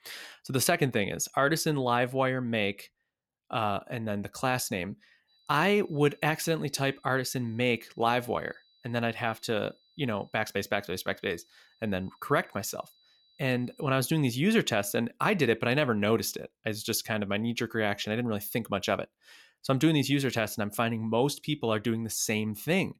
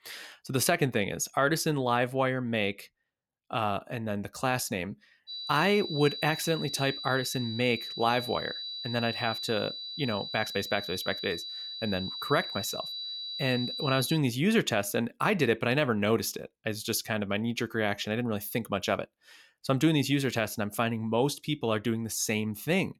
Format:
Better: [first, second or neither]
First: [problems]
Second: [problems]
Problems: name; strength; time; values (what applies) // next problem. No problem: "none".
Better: first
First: high-pitched whine; faint; from 5.5 to 14 s; 4 kHz, 35 dB below the speech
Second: high-pitched whine; loud; from 5.5 to 14 s; 4 kHz, 6 dB below the speech